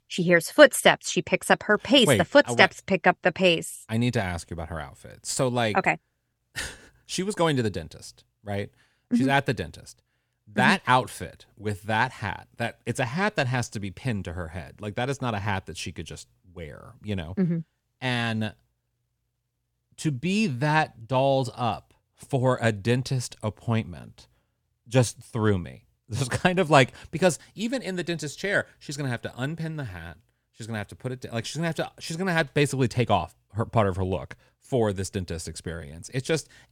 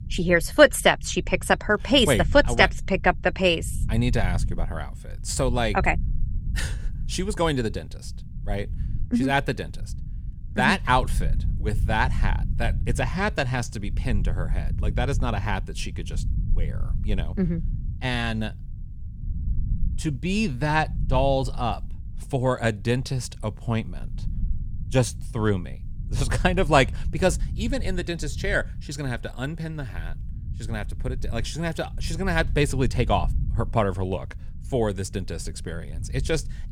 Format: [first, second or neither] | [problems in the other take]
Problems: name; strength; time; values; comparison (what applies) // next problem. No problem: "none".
first | low rumble; faint; throughout; 25 dB below the speech